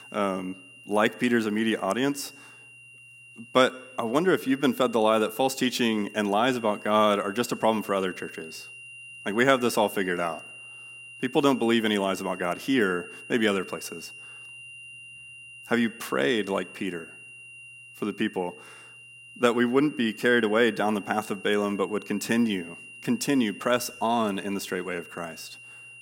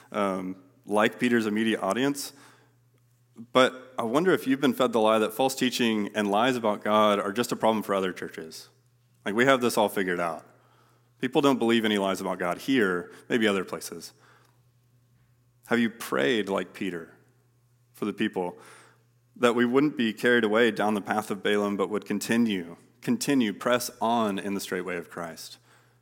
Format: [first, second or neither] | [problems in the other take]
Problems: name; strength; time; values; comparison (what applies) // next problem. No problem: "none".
second | high-pitched whine; noticeable; throughout; 3 kHz, 15 dB below the speech